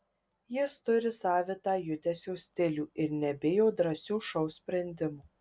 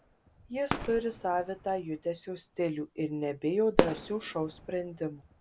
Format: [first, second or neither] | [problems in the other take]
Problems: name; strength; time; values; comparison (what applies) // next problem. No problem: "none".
first | background sound (Fireworks); 5 dB below the speech